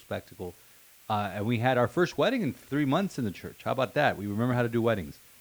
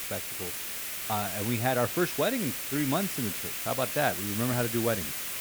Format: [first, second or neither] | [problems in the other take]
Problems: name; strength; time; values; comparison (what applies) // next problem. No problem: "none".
first | hiss; loud; throughout; 1 dB below the speech; faint in the first